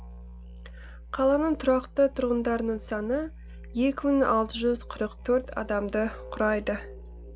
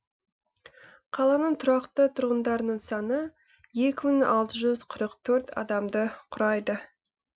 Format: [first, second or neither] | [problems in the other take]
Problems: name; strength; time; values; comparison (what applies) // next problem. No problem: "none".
second | background sound (Musical instrument); 15 dB below the speech